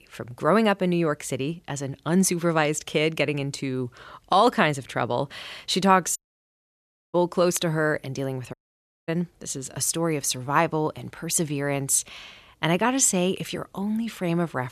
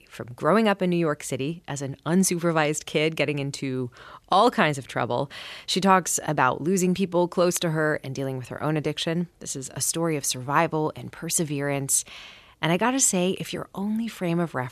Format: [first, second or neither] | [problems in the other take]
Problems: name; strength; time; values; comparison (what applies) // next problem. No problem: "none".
second | audio cutting out; at 6 s for 1 s and at 8.5 s for 0.5 s